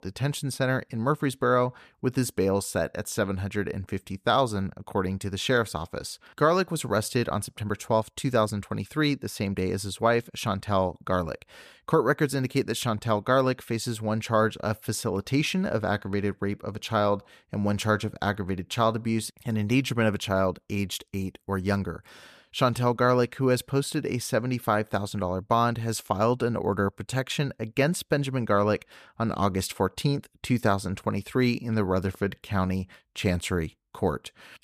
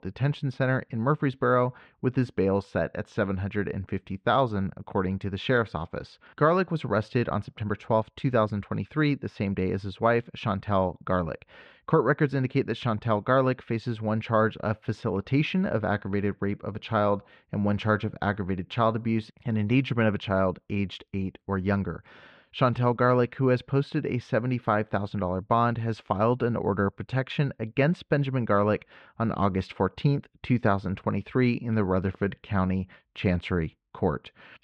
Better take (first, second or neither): first